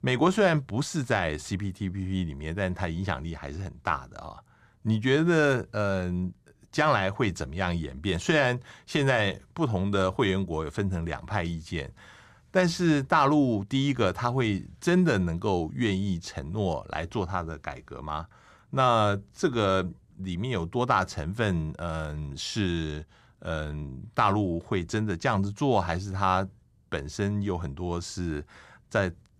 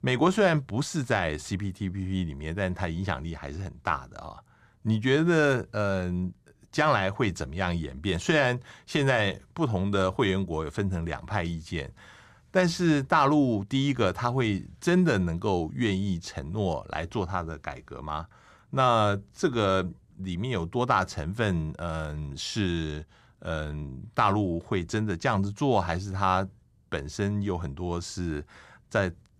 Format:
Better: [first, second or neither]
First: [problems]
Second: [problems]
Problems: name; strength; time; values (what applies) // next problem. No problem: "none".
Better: neither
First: none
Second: none